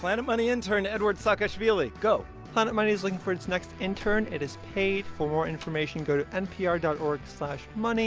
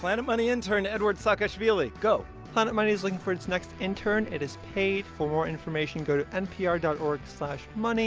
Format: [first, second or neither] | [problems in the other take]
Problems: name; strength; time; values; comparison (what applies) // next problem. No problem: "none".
second | background sound (Slam); 18 dB below the speech